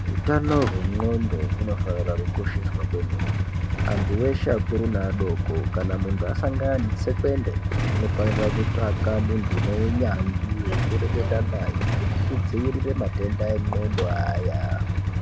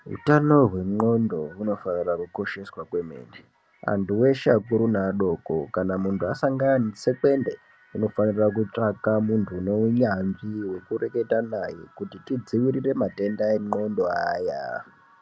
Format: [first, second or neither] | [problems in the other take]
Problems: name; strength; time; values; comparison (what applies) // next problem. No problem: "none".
second | background sound (Idling / Engine starting / Motorcycle / Accelerating, revving, vroom); 4 dB above the speech